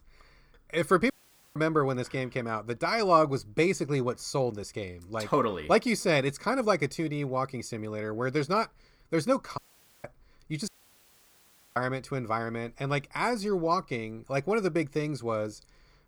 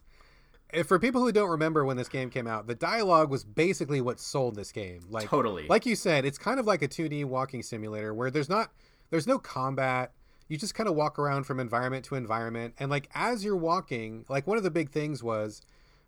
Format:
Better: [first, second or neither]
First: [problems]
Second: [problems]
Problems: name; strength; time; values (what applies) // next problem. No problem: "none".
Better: second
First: audio cutting out; at 1 s, at 9.5 s and at 11 s for 1 s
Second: none